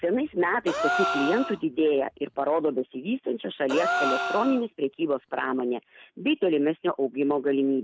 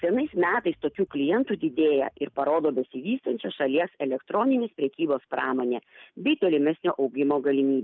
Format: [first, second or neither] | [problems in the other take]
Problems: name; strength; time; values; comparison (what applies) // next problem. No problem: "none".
second | background sound (Gasp); 5 dB below the speech